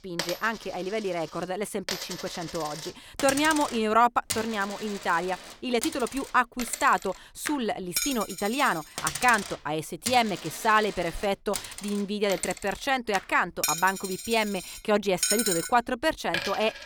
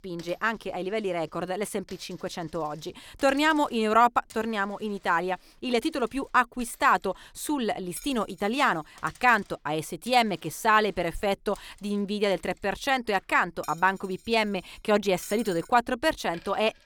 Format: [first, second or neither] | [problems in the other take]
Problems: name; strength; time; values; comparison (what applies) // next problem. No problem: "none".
second | household noises; loud; throughout; 6 dB below the speech; faint in the second